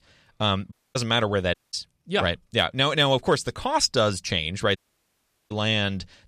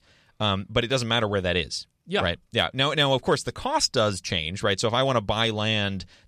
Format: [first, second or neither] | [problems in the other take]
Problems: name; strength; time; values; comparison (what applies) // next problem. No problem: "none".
second | audio cutting out; at 0.5 s, at 1.5 s and at 5 s for 0.5 s